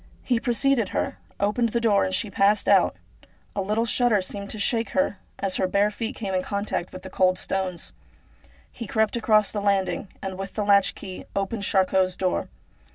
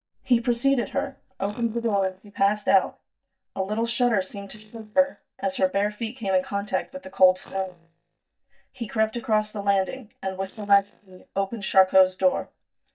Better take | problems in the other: first | noise reduction (neural mask model DeepFilterNet 3)

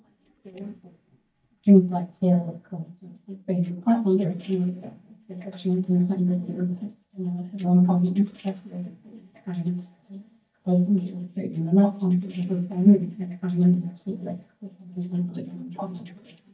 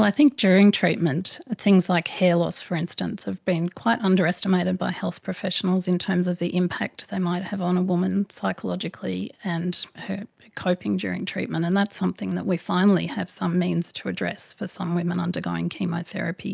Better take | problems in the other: second | noise reduction (neural mask model DeepFilterNet 3)

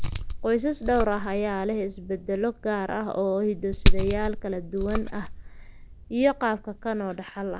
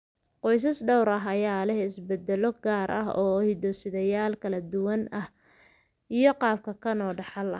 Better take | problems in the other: second | background sound (Glass); 1 dB below the speech

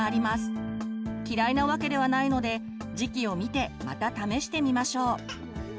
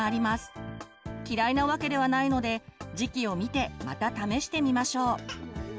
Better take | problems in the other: second | background sound (Piano); 7 dB below the speech

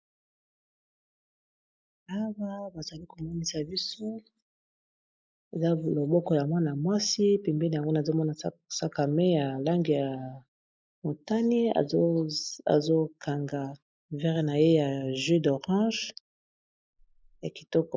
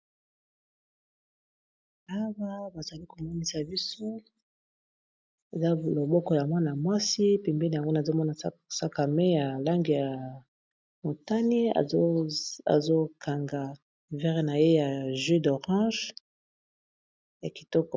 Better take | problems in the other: second | noise reduction (neural mask model Resemble Enhance denoiser)

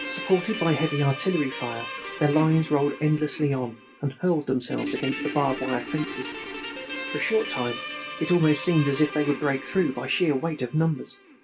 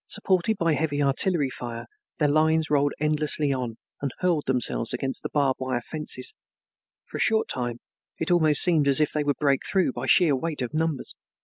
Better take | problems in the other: second | background sound (Guitar); 10 dB below the speech // room echo; dies away in 0.2 s

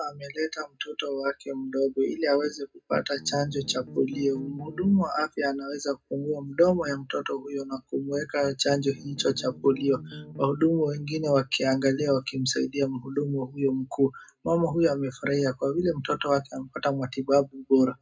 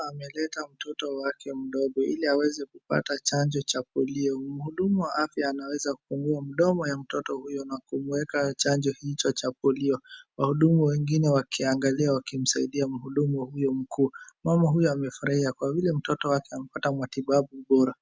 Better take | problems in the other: second | background sound (Bass guitar); 15 dB below the speech // room echo; dies away in 0.2 s

